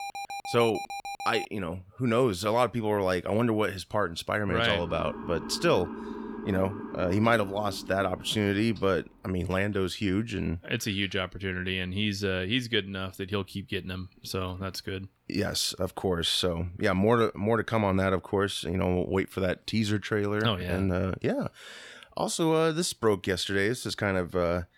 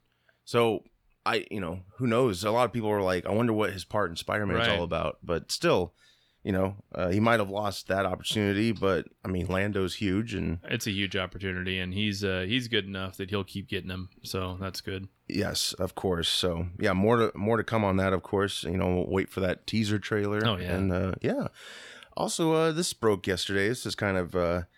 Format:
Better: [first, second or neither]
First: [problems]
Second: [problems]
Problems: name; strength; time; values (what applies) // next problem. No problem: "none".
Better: second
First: alarm; noticeable; until 1.5 s; peak 8 dB below the speech // siren; noticeable; from 4.5 to 9 s; peak 9 dB below the speech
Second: none